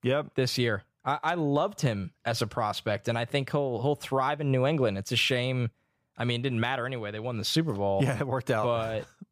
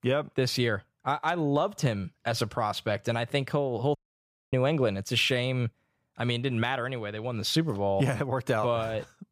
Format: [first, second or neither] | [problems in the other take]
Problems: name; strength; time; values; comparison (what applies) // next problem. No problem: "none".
first | audio cutting out; at 4 s for 0.5 s